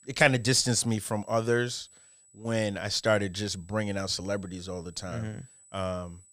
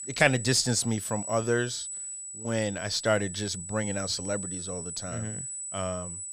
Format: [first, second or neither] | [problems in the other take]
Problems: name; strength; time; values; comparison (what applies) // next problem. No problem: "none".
first | high-pitched whine; loud; throughout; 8 kHz, 7 dB below the speech; faint in the first